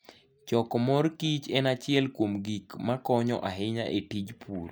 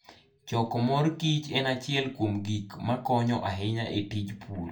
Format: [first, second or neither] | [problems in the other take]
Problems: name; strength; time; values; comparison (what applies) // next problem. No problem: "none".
first | room echo; dies away in 0.2 s